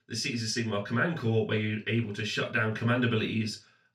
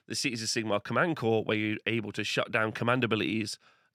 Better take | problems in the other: second | room echo; very slight; dies away in 0.2 s // off-mic speech; far

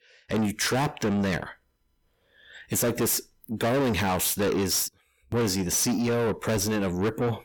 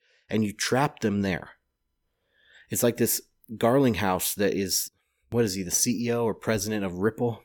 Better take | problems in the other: second | distortion; heavy; 6 dB below the speech

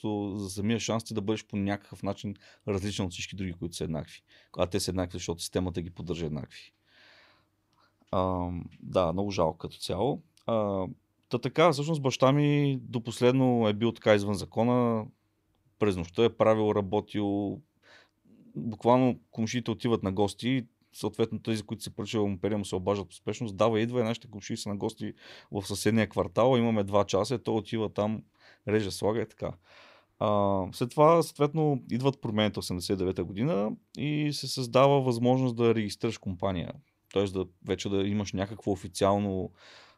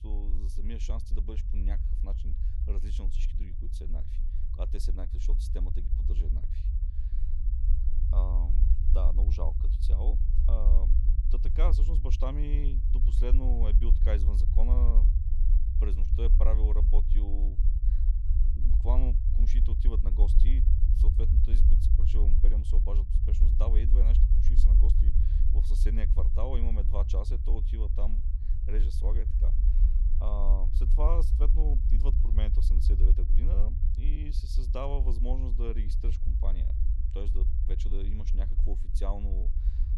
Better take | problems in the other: first | low rumble; loud; throughout; 5 dB below the speech

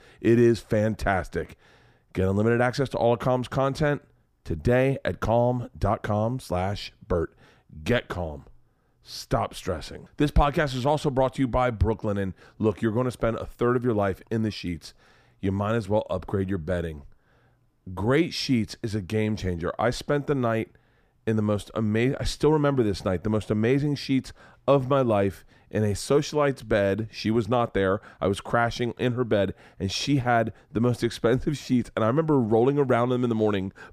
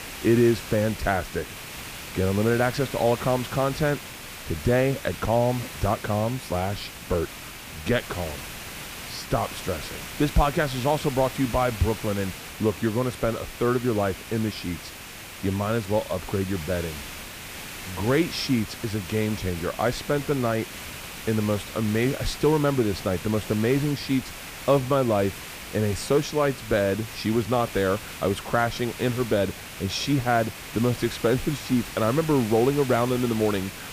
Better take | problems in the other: first | hiss; noticeable; throughout; 10 dB below the speech

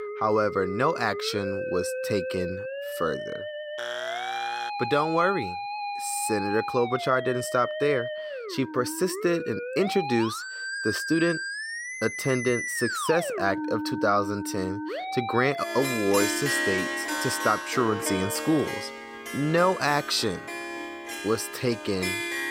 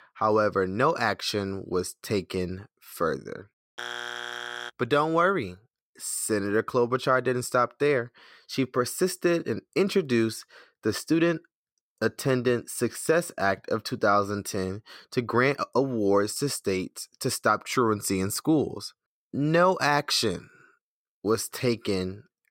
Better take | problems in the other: second | background music; loud; throughout; 5 dB below the speech

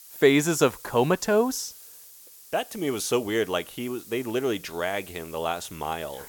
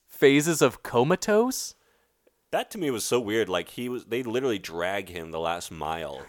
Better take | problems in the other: second | hiss; noticeable; throughout; 20 dB below the speech

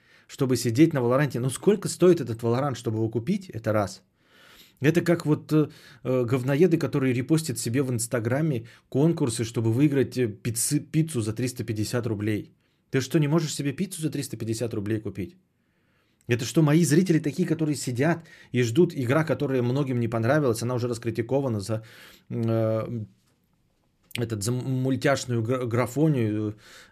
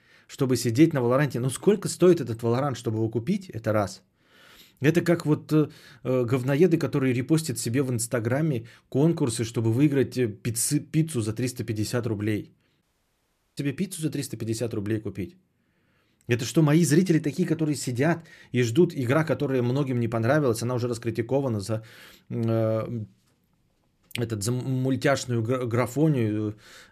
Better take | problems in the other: first | audio cutting out; at 13 s for 1 s

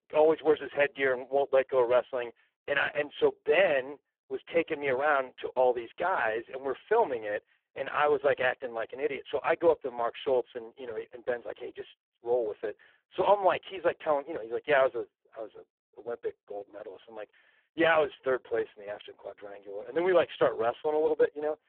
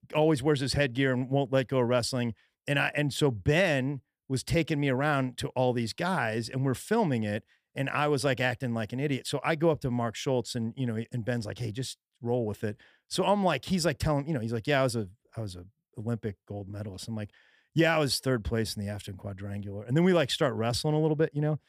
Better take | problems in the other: second | phone-call audio; poor line

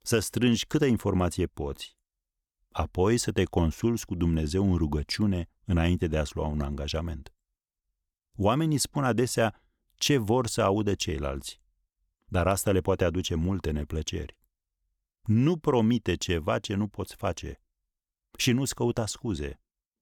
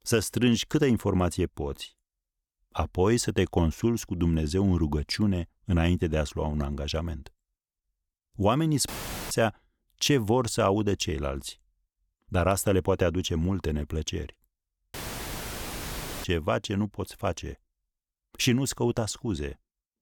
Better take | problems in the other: first | audio cutting out; filled with static; at 9 s and at 15 s for 1.5 s

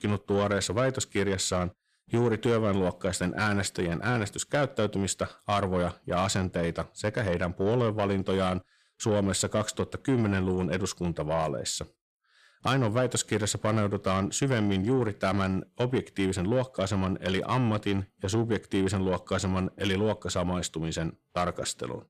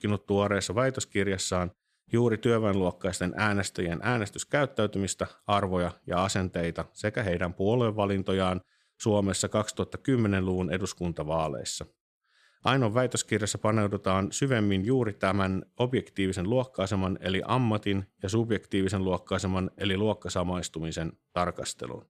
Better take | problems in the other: second | distortion; slight; 10 dB below the speech

